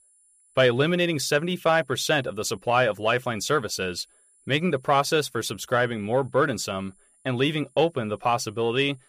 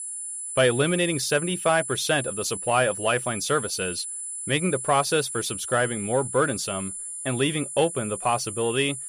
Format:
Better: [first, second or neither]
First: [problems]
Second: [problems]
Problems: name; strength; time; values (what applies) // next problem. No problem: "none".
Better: first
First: high-pitched whine; faint; throughout; 10 kHz, 35 dB below the speech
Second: high-pitched whine; loud; throughout; 10 kHz, 6 dB below the speech